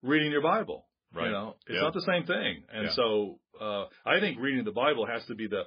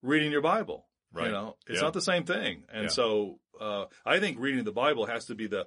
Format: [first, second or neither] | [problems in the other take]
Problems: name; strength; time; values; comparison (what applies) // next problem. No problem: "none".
second | garbled, watery; badly; nothing above 5 kHz; slightly in the second